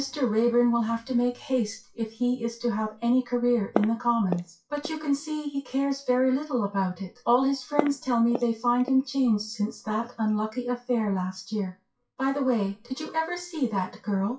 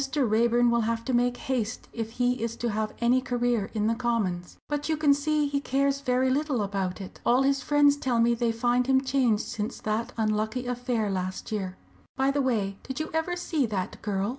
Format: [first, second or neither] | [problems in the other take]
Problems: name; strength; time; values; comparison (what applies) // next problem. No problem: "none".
second | noise reduction (classical method WPE with log-MMSE)